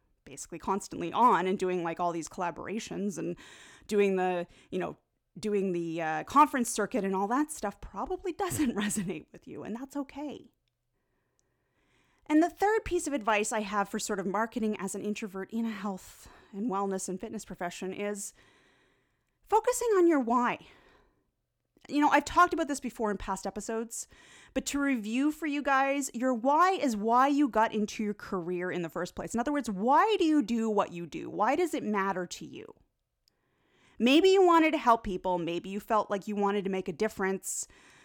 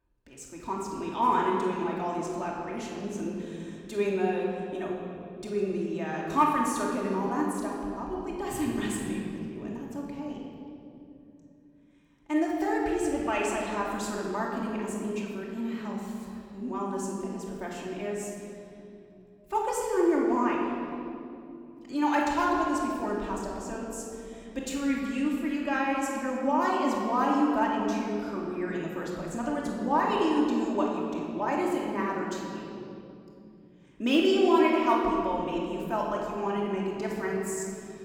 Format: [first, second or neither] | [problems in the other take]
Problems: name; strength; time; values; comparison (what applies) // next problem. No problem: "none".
first | off-mic speech; far // room echo; noticeable; dies away in 3 s